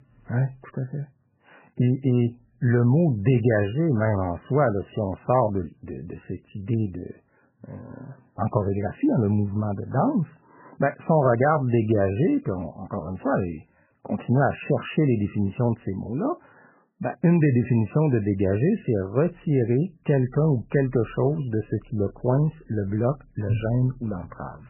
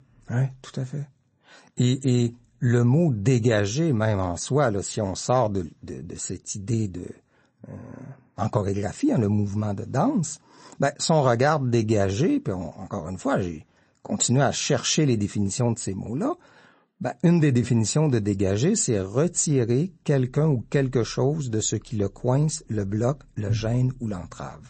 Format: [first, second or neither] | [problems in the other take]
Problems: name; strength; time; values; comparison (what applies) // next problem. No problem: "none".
second | garbled, watery; badly; nothing above 3 kHz; slightly in the second